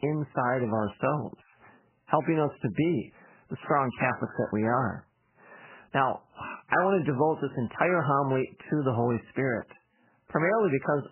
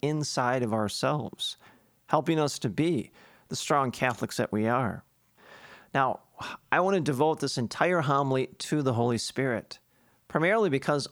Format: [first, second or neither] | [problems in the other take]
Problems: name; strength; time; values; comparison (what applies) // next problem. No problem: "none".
second | garbled, watery; badly; nothing above 3 kHz